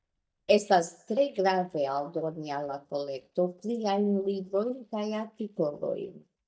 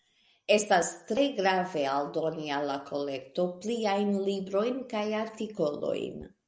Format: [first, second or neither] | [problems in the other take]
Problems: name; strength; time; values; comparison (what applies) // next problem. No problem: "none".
second | noise reduction (neural mask model DeepFilterNet 3)